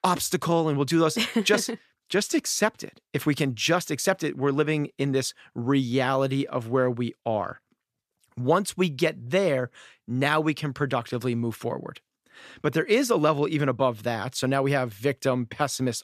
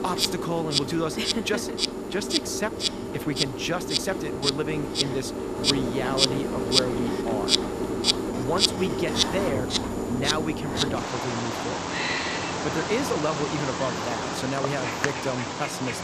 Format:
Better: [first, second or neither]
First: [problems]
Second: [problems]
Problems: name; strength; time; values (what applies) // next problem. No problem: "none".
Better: first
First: none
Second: animal sounds; very loud; throughout; 4 dB above the speech